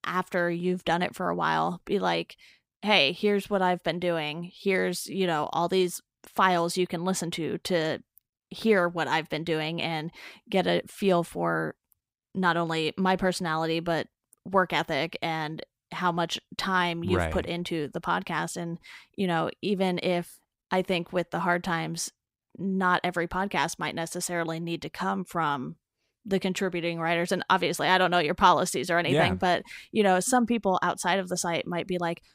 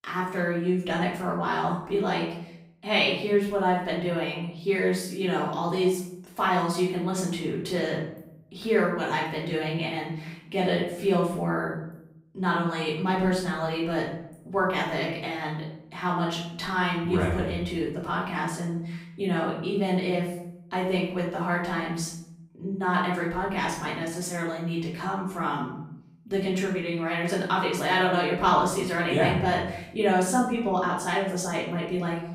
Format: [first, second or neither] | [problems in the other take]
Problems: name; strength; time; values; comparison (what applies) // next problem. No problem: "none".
first | off-mic speech; far // room echo; noticeable; dies away in 0.7 s